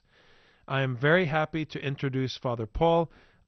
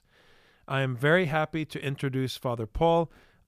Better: second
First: garbled, watery; slightly; nothing above 6 kHz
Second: none

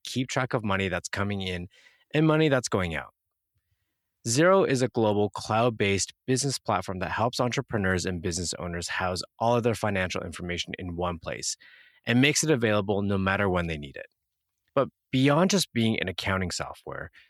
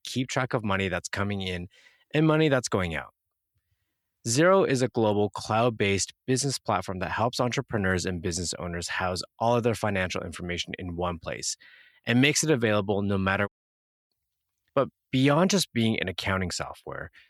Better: first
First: none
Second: audio cutting out; at 13 s for 0.5 s

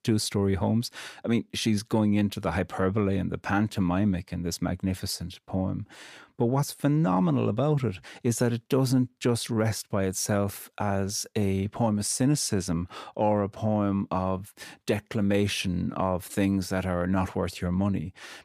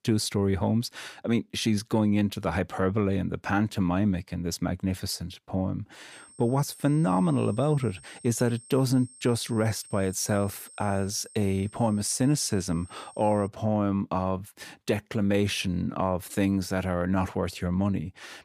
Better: first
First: none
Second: high-pitched whine; faint; from 6 to 13 s; 8.5 kHz, 20 dB below the speech

